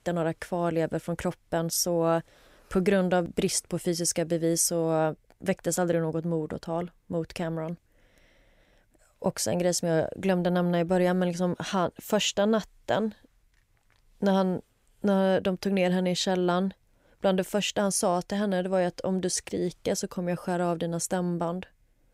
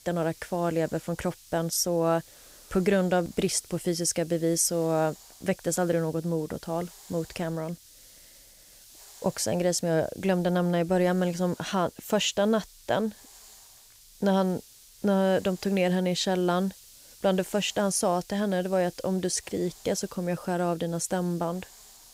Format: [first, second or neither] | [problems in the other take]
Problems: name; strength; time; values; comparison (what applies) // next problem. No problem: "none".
first | hiss; faint; throughout; 20 dB below the speech